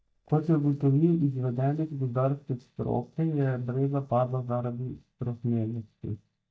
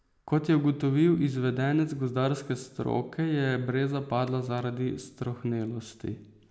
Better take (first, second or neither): second